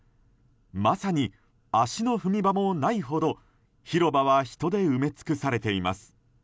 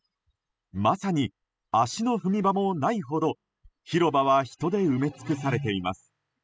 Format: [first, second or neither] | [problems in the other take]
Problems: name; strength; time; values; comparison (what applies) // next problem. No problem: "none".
first | noise reduction (classical method spectral subtraction)